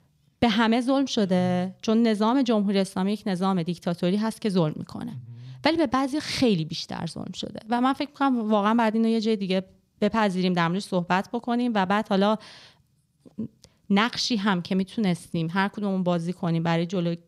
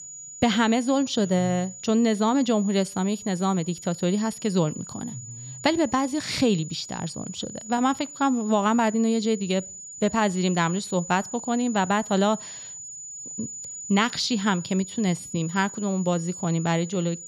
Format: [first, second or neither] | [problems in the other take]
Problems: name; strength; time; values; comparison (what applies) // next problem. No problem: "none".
first | high-pitched whine; noticeable; throughout; 7 kHz, 10 dB below the speech